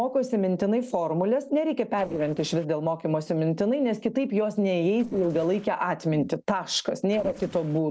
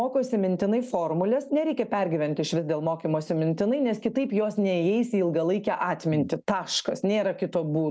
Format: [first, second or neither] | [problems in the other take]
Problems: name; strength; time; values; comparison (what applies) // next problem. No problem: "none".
second | noise reduction (neural separator model SepFormer DNS4)